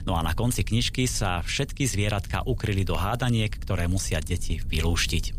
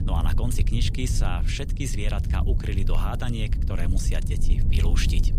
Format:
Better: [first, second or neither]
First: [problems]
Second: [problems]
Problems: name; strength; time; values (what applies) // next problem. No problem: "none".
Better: first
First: low rumble; faint; throughout; 25 dB below the speech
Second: low rumble; loud; throughout; 8 dB below the speech